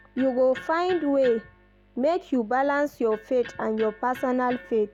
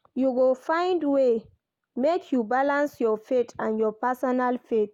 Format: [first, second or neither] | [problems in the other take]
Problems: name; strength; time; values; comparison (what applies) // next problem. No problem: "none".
second | background sound (Electric guitar); 20 dB below the speech